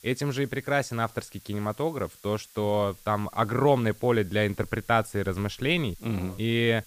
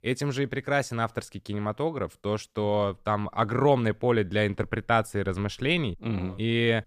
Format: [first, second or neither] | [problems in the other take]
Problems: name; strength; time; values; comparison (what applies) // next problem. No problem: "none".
second | hiss; faint; throughout; 25 dB below the speech